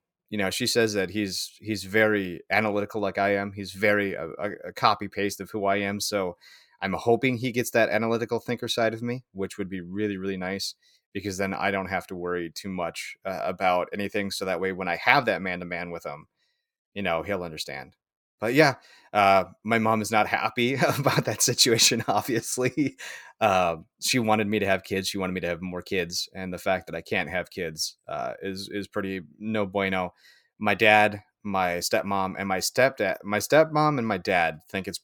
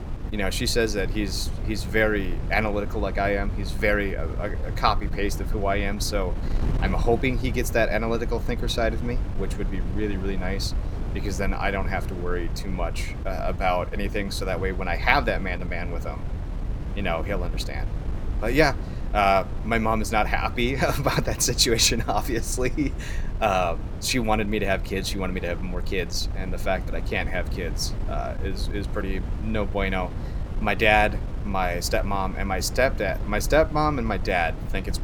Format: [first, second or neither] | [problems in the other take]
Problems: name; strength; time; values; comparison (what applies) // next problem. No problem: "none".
first | wind noise on the microphone; occasional gusts; 15 dB below the speech